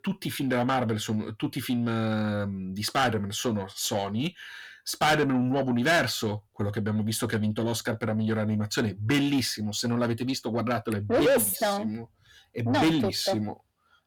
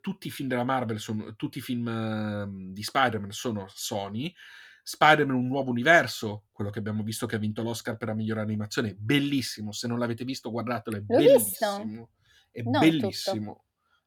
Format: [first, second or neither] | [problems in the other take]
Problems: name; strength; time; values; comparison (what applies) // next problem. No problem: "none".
second | distortion; heavy; 6 dB below the speech